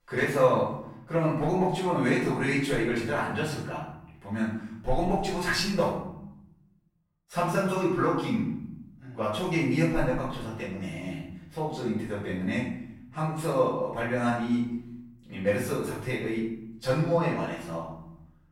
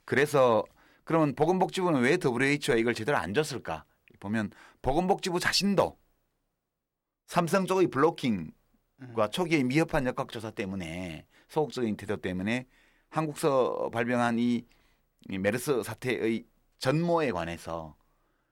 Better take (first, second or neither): second